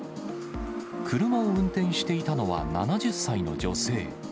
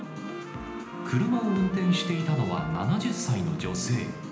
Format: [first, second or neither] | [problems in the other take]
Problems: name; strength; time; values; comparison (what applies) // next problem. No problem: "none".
first | background sound (Trumpet); 18 dB below the speech // room echo; dies away in 0.9 s